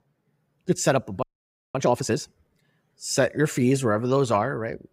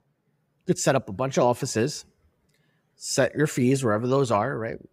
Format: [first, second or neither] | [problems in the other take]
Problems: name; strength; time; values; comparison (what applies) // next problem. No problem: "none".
second | audio freezing; at 1 s for 0.5 s